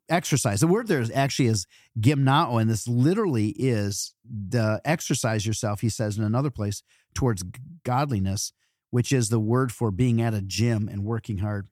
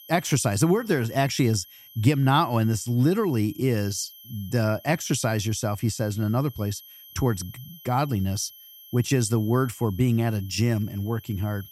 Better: first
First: none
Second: high-pitched whine; faint; throughout; 12 kHz, 20 dB below the speech

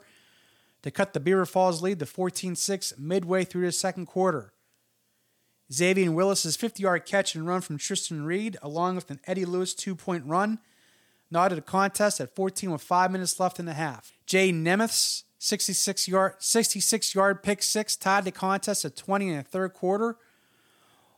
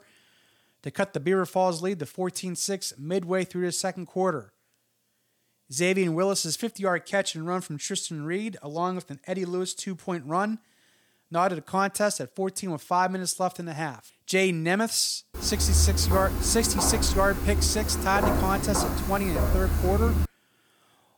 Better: first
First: none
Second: footsteps; loud; from 15 to 20 s; peak 3 dB above the speech

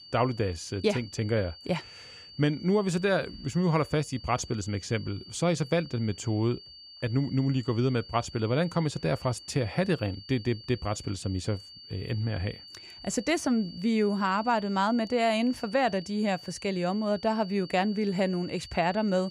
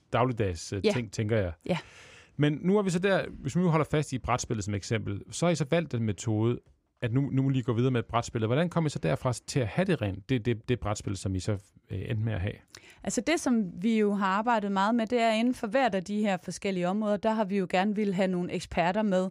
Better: second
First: high-pitched whine; noticeable; throughout; 4.5 kHz, 15 dB below the speech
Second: none

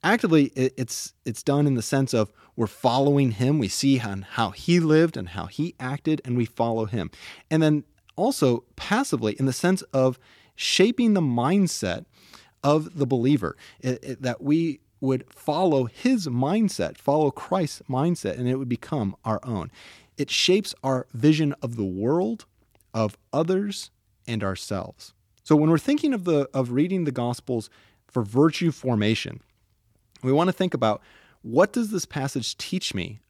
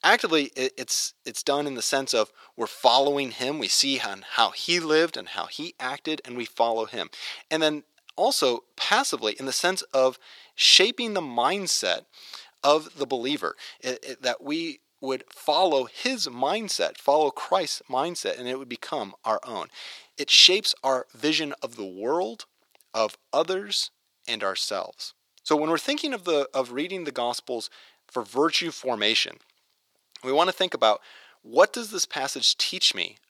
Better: first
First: none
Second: thin; very; fading below 600 Hz

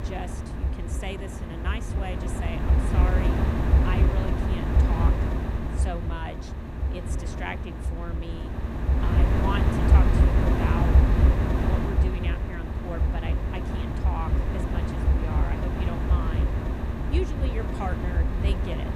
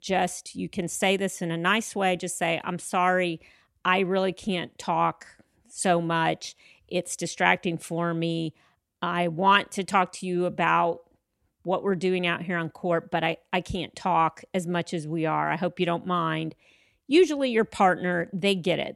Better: second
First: wind noise on the microphone; heavy; 3 dB above the speech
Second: none

